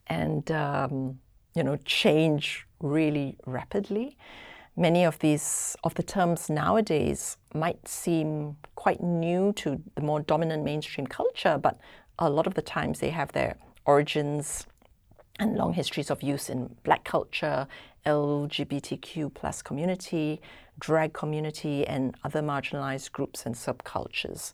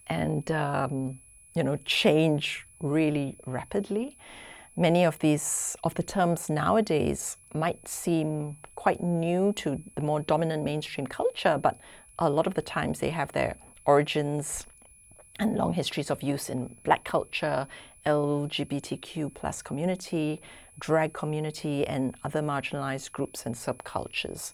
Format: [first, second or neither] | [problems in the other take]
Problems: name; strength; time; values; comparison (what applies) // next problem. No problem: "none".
first | high-pitched whine; faint; throughout; 10.5 kHz, 25 dB below the speech